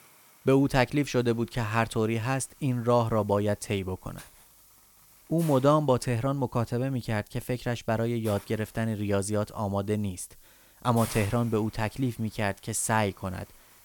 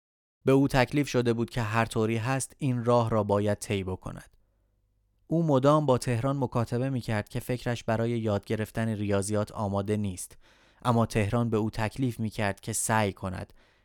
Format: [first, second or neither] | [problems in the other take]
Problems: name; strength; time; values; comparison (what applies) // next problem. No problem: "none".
second | hiss; faint; throughout; 20 dB below the speech